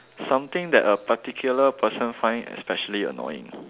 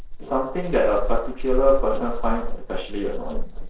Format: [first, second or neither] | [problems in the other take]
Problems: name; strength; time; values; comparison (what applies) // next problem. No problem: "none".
first | noise reduction (neural separator model SepFormer DNS4)